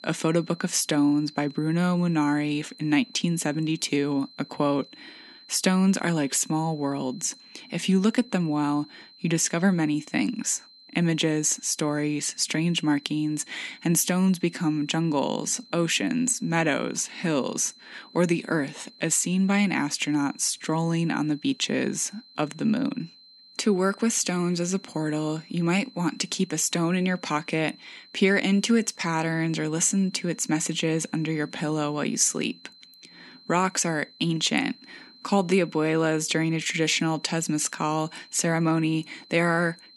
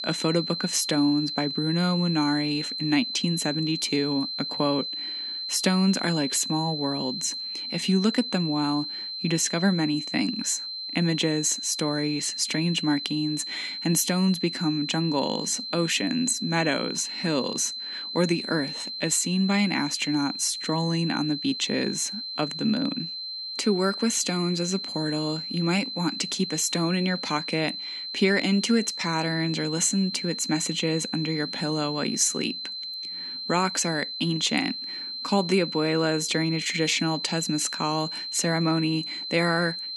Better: first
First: high-pitched whine; faint; throughout; 4 kHz, 25 dB below the speech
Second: high-pitched whine; loud; throughout; 4 kHz, 5 dB below the speech

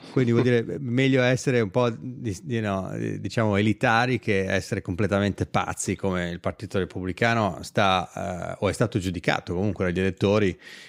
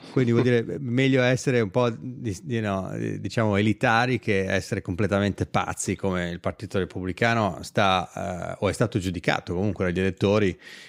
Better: neither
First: none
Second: none

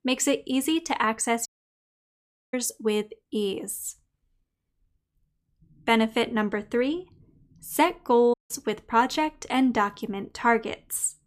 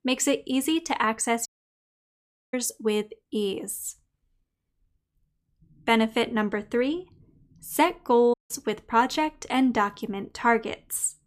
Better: neither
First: audio cutting out; at 1.5 s for 1 s and at 8.5 s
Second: audio cutting out; at 1.5 s for 1 s and at 8.5 s

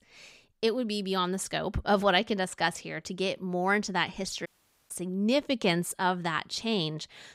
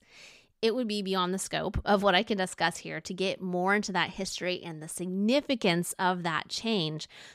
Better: second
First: audio cutting out; at 4.5 s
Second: none

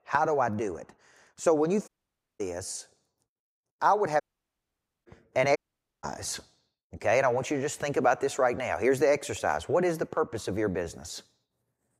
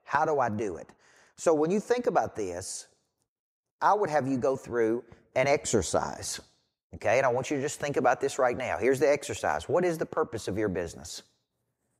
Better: second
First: audio cutting out; at 2 s for 0.5 s, at 4 s for 1 s and at 5.5 s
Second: none

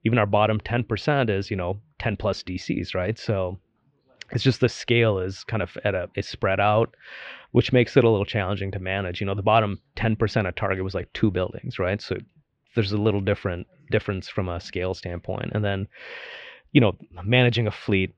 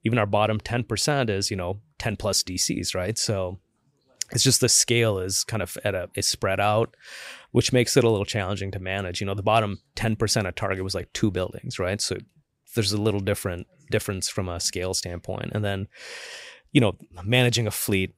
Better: second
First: muffled; very; fading above 3.5 kHz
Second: none

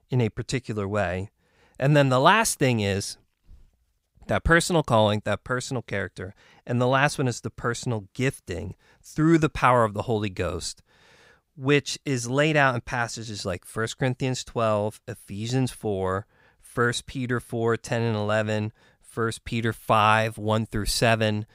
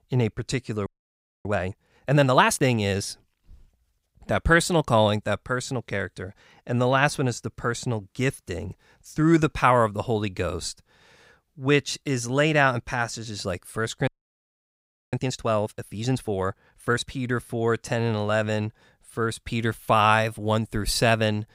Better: first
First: none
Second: audio freezing; at 1 s for 0.5 s and at 14 s for 1 s

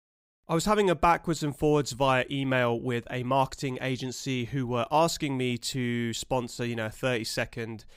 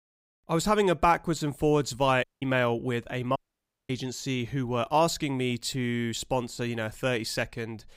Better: first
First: none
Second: audio cutting out; at 2 s and at 3.5 s for 0.5 s

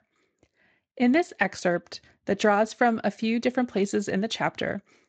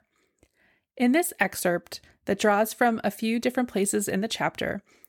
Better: second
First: garbled, watery; slightly; nothing above 7.5 kHz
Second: none

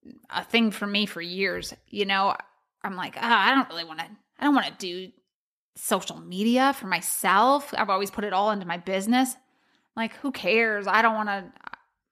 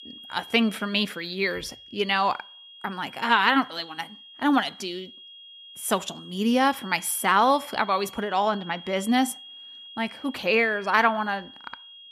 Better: first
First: none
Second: high-pitched whine; noticeable; throughout; 3.5 kHz, 20 dB below the speech

